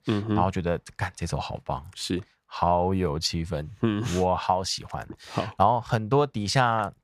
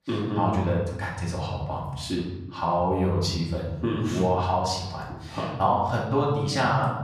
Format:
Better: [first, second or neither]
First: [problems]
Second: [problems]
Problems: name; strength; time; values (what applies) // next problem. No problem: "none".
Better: first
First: none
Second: off-mic speech; far // room echo; noticeable; dies away in 1.2 s